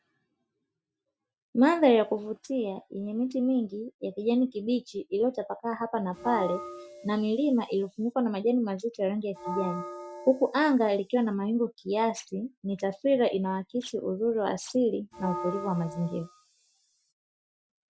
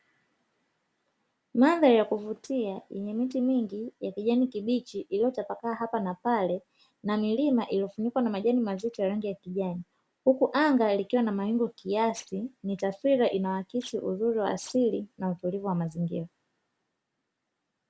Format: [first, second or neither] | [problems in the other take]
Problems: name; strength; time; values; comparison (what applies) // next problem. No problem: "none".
second | noise reduction (classical method Wiener filter)